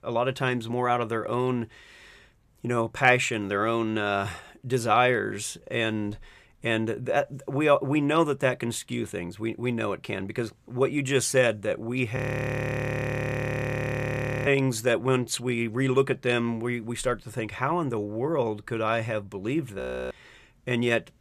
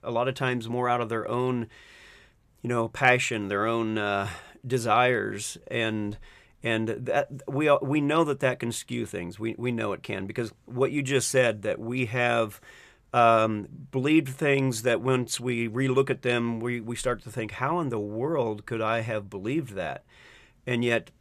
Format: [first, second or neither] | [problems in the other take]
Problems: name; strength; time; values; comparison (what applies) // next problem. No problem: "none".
second | audio freezing; at 12 s for 2.5 s and at 20 s